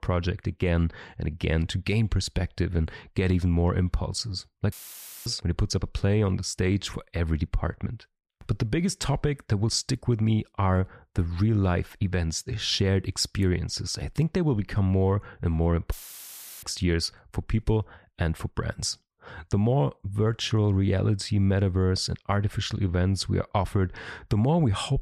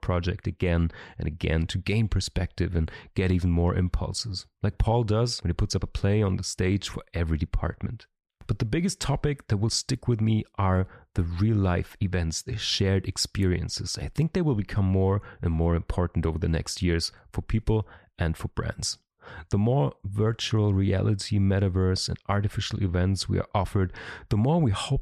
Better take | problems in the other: second | audio cutting out; filled with static; at 4.5 s for 0.5 s and at 16 s for 0.5 s

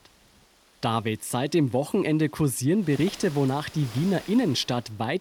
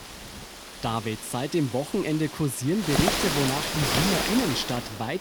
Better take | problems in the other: first | wind noise on the microphone; heavy; 4 dB above the speech; occasional gusts in the first

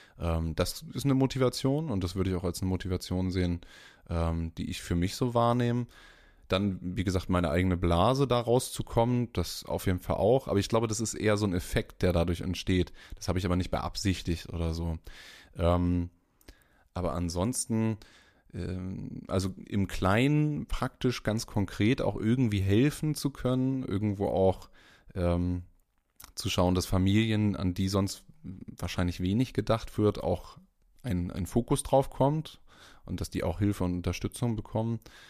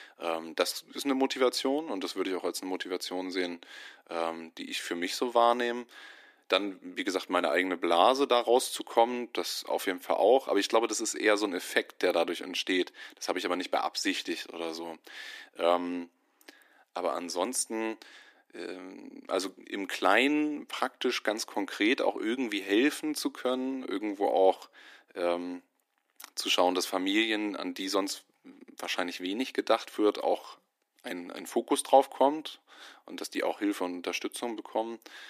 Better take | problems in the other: first | thin; somewhat; fading below 300 Hz

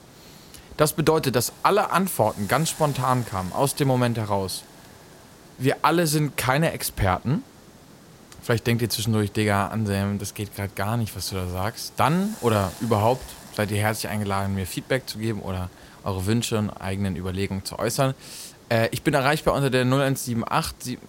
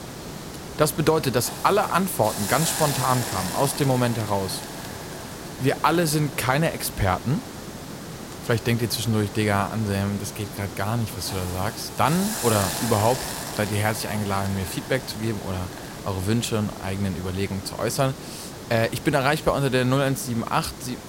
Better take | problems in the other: first | hiss; loud; throughout; 8 dB below the speech; faint in the first

